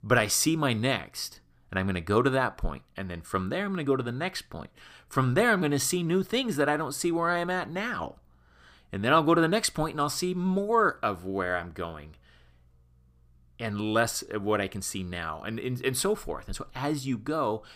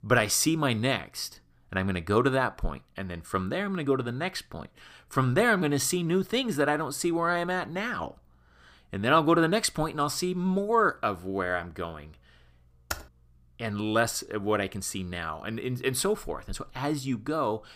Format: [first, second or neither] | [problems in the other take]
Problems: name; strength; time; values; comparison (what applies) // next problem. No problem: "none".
first | keyboard typing; noticeable; at 13 s; peak 9 dB below the speech